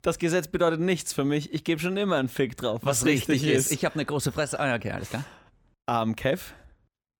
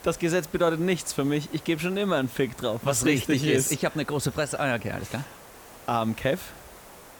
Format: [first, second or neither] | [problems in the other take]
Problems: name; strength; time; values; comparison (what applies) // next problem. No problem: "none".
first | hiss; faint; throughout; 20 dB below the speech